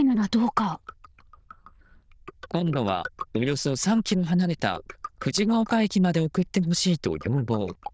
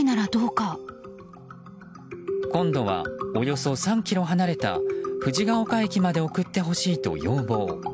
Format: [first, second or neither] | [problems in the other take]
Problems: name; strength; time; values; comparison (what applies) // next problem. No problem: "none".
second | noise reduction (neural diffusion model UNIVERSE++)